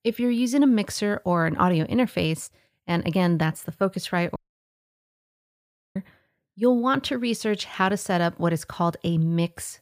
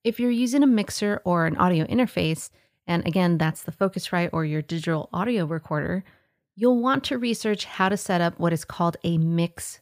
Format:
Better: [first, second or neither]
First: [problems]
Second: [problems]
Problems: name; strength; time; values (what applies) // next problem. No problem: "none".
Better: second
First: audio cutting out; at 4.5 s for 1.5 s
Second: none